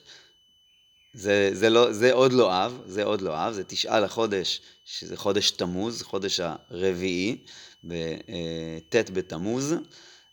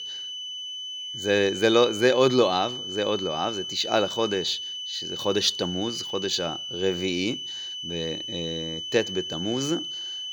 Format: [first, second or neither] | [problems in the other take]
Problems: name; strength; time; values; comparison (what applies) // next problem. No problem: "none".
first | high-pitched whine; loud; throughout; 3 kHz, 6 dB below the speech; faint in the first